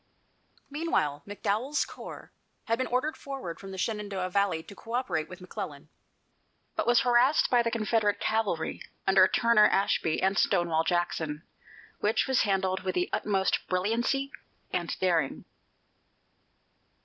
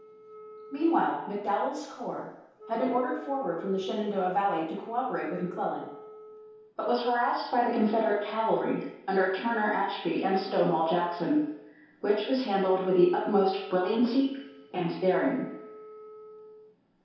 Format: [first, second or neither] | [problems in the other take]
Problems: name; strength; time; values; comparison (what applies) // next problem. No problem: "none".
first | background sound (Wind instrument, woodwind instrument); 19 dB below the speech // room echo; dies away in 0.8 s